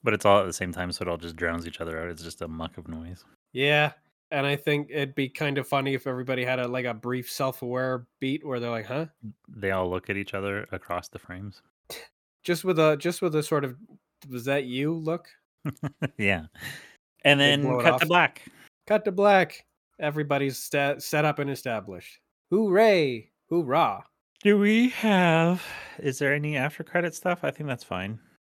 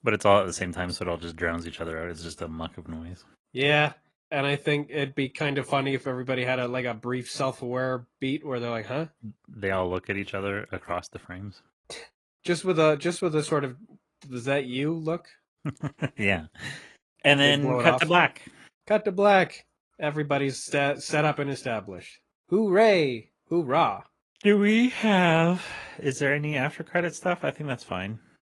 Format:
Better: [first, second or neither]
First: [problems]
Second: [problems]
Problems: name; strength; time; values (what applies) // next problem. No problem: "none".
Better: first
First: none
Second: garbled, watery; slightly; nothing above 10.5 kHz